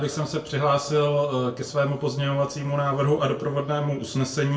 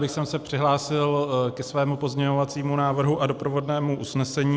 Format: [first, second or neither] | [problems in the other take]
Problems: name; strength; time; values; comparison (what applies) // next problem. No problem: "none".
second | room echo; dies away in 0.3 s